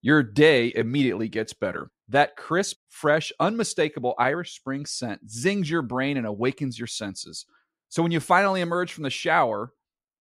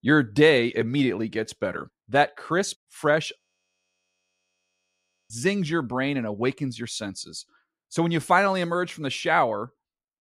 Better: first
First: none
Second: audio freezing; at 3.5 s for 2 s

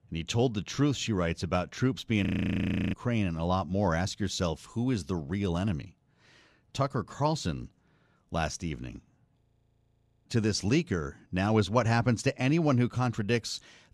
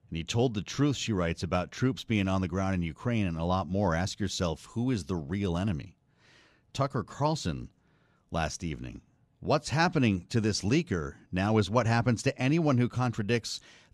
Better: second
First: audio freezing; at 2.5 s for 0.5 s and at 9.5 s for 1 s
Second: none

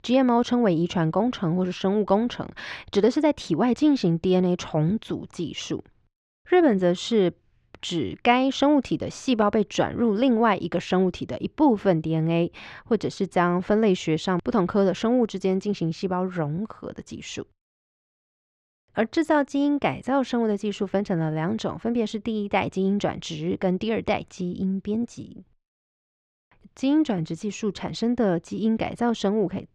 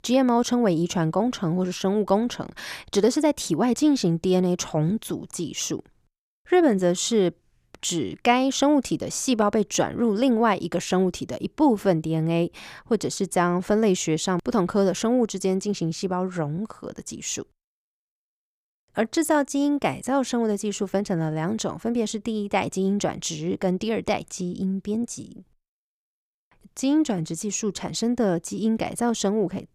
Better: second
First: muffled; slightly; fading above 3 kHz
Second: none

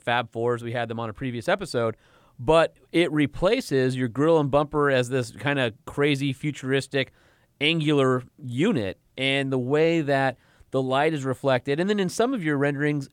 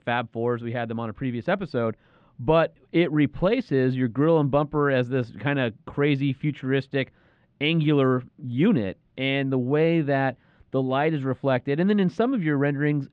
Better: first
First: none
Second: muffled; slightly; fading above 3.5 kHz

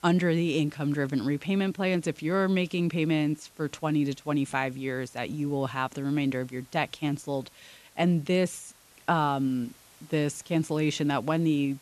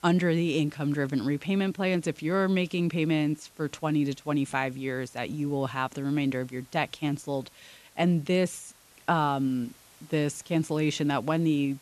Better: neither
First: hiss; faint; throughout; 25 dB below the speech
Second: hiss; faint; throughout; 25 dB below the speech

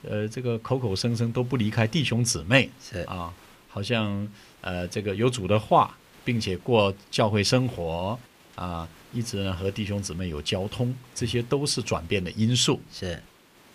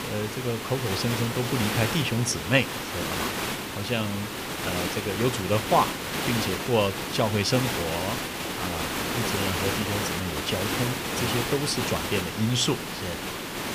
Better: first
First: hiss; faint; throughout; 25 dB below the speech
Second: hiss; loud; throughout; 1 dB below the speech

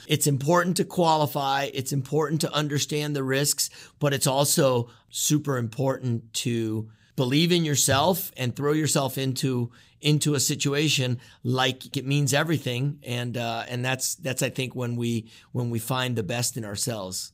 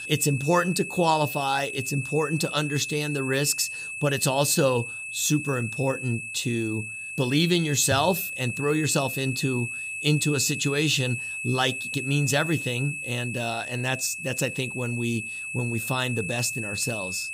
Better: first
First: none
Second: high-pitched whine; loud; throughout; 2.5 kHz, 6 dB below the speech

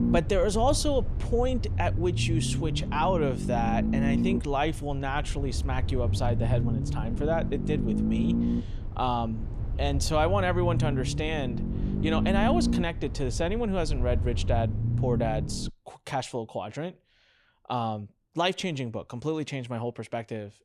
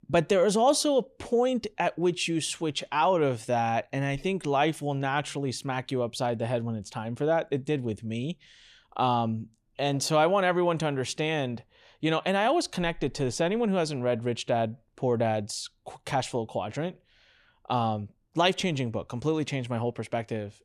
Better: second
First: low rumble; loud; until 16 s; 8 dB below the speech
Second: none

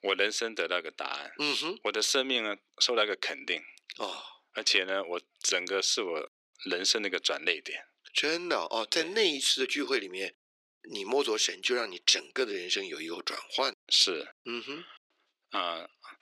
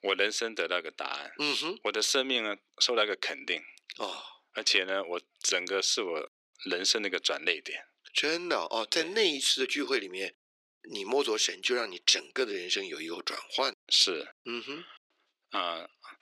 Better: neither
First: thin; somewhat; fading below 350 Hz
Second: thin; somewhat; fading below 350 Hz

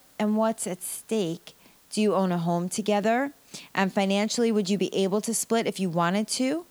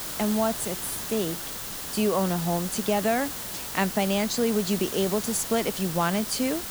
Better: first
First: hiss; faint; throughout; 30 dB below the speech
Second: hiss; loud; throughout; 5 dB below the speech

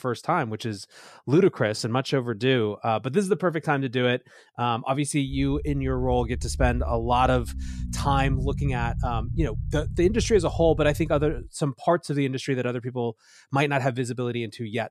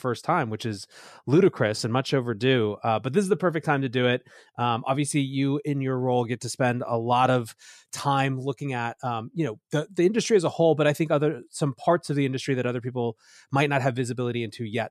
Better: second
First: low rumble; faint; from 5.5 to 11 s; 20 dB below the speech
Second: none

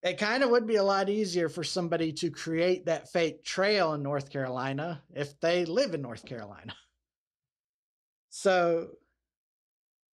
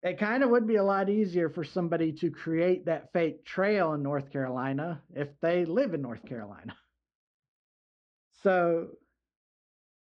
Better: first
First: none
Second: muffled; very; fading above 2 kHz

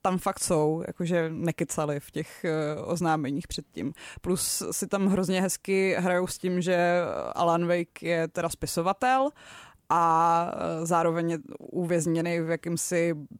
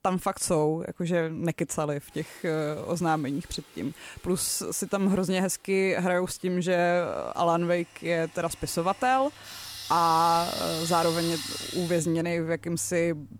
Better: first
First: none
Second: household noises; loud; throughout; 8 dB below the speech

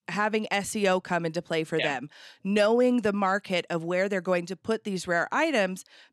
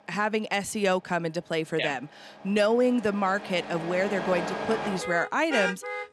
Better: first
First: none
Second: traffic noise; loud; throughout; 6 dB below the speech

